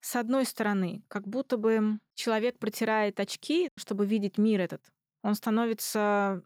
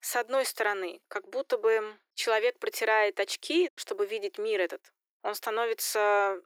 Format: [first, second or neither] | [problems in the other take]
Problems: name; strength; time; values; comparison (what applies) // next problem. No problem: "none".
first | thin; very; fading below 350 Hz